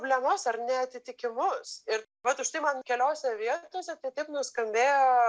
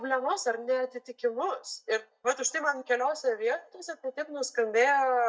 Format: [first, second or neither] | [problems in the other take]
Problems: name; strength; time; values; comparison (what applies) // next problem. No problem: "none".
first | noise reduction (neural mask model DeepFilterNet 3)